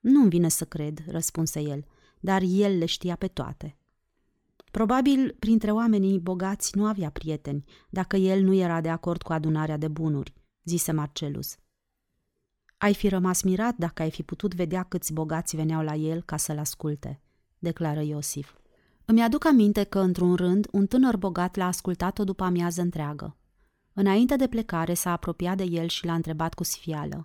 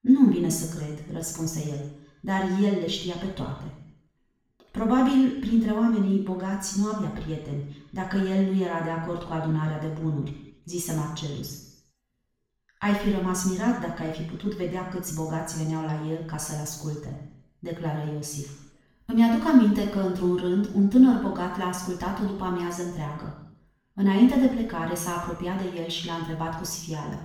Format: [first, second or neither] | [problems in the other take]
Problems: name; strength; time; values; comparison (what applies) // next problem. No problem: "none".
first | room echo; noticeable; dies away in 0.8 s // off-mic speech; far